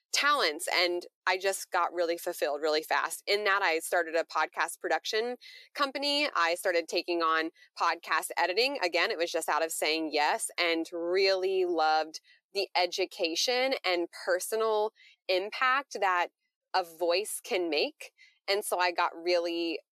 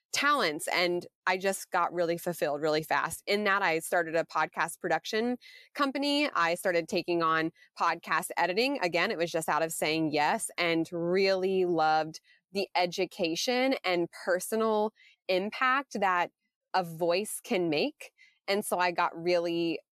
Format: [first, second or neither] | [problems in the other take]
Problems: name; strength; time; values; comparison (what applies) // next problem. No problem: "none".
second | thin; somewhat; fading below 350 Hz